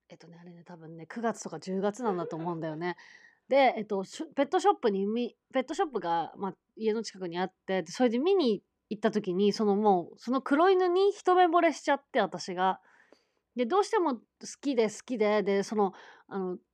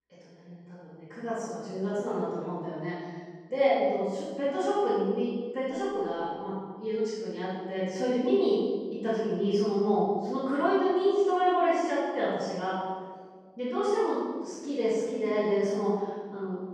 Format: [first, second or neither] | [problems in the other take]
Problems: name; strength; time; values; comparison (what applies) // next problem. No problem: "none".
first | off-mic speech; far // room echo; strong; dies away in 1.4 s